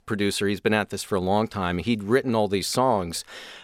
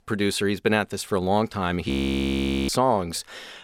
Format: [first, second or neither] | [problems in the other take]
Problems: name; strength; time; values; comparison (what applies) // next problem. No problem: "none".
first | audio freezing; at 2 s for 1 s